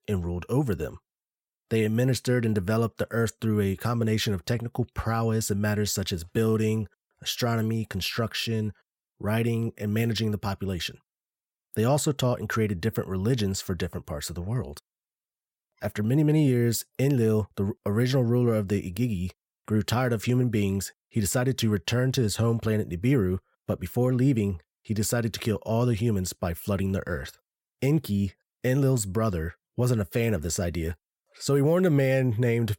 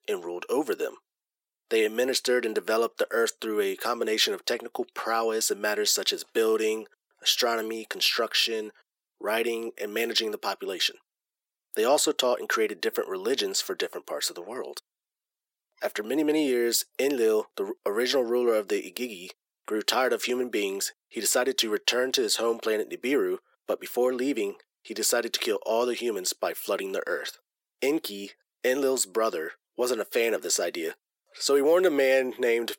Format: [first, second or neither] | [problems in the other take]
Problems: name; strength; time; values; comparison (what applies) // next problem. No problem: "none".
first | thin; very; fading below 300 Hz